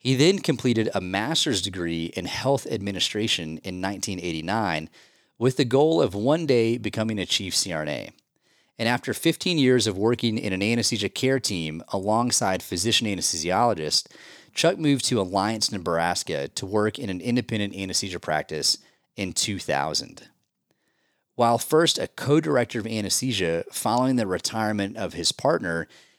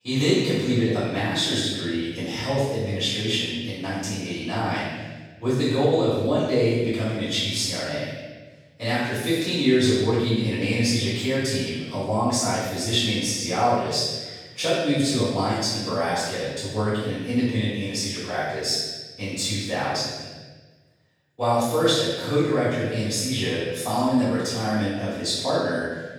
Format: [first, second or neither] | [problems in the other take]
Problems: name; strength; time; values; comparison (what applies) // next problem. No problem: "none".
first | off-mic speech; far // room echo; strong; dies away in 1.2 s